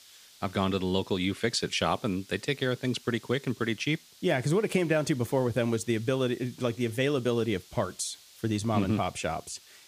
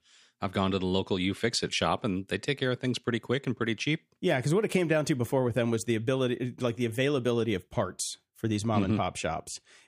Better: second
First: hiss; faint; throughout; 25 dB below the speech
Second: none

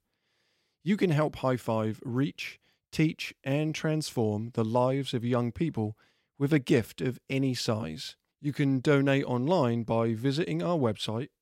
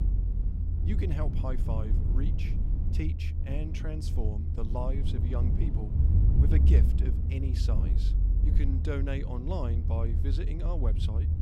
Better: first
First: none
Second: low rumble; loud; throughout; 3 dB below the speech

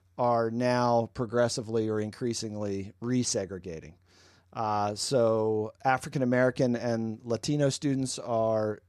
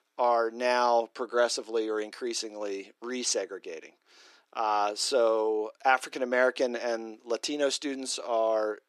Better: first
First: none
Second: thin; somewhat; fading below 300 Hz

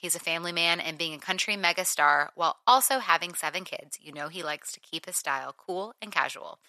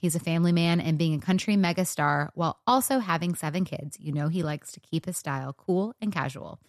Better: second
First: thin; very; fading below 700 Hz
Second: none

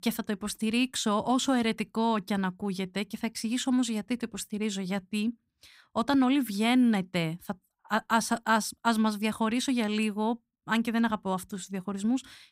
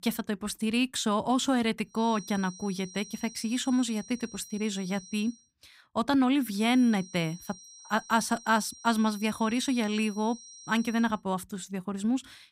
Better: first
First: none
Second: high-pitched whine; noticeable; from 2 to 5.5 s and from 6.5 to 11 s; 5.5 kHz, 20 dB below the speech

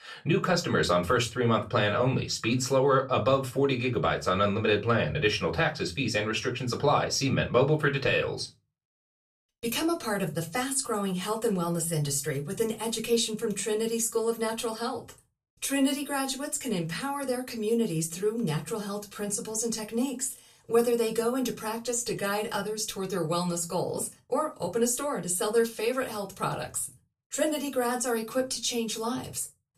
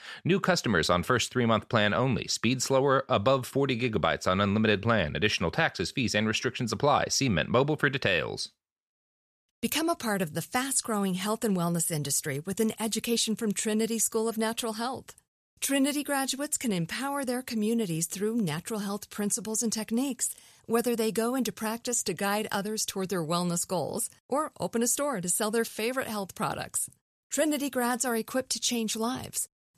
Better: second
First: off-mic speech; somewhat distant // room echo; very slight; dies away in 0.2 s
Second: none

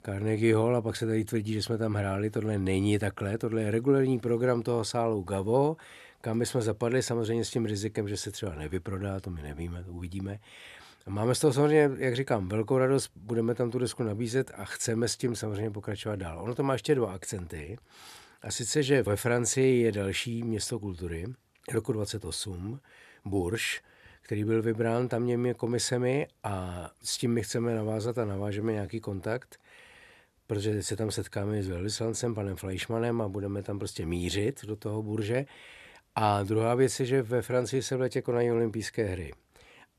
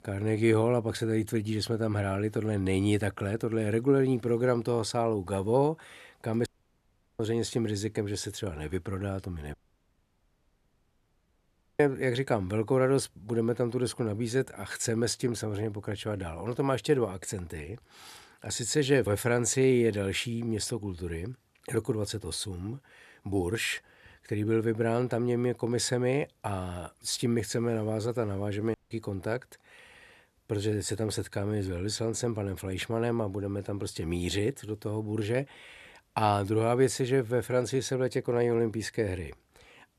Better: first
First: none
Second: audio cutting out; at 6.5 s for 0.5 s, at 9.5 s for 2.5 s and at 29 s

